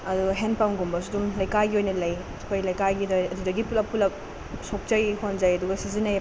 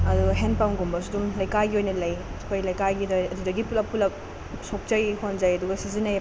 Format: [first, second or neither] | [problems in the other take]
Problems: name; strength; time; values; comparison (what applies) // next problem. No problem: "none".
first | background sound (Bowed string instrument); 6 dB below the speech